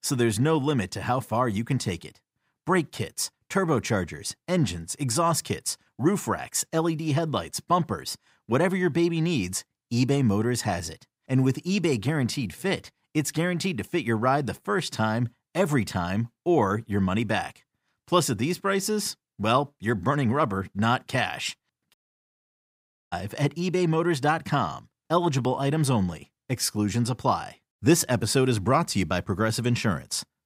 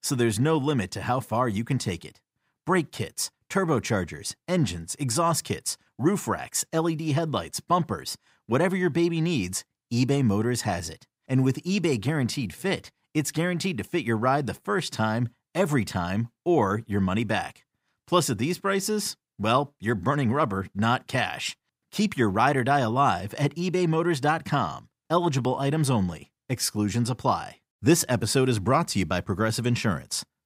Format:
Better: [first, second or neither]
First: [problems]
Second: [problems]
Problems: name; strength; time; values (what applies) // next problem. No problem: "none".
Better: second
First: audio cutting out; at 22 s for 1 s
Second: none